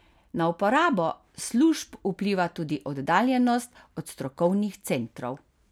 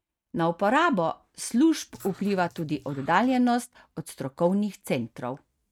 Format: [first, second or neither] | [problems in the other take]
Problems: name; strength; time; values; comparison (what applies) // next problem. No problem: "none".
first | noise reduction (neural mask model RNNoise)